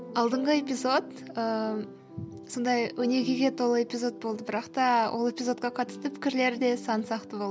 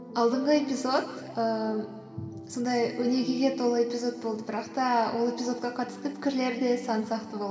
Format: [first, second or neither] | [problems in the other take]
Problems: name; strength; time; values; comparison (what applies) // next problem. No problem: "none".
first | room echo; dies away in 1.9 s